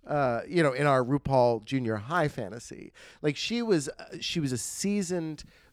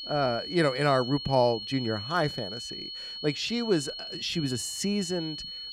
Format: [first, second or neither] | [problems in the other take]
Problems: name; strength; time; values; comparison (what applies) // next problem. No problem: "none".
first | high-pitched whine; loud; throughout; 4.5 kHz, 7 dB below the speech